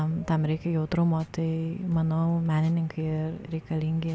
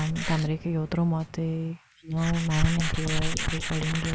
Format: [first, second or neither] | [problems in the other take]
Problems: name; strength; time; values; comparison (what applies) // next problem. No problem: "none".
first | noise reduction (neural mask model Resemble Enhance denoiser)